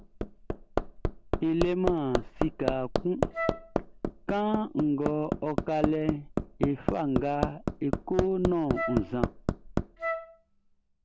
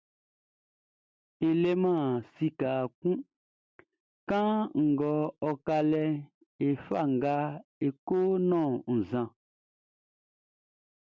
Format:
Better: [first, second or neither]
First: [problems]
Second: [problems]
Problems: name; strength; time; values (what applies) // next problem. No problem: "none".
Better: second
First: background sound (Wind instrument, woodwind instrument + Hammer); 1 dB below the speech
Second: none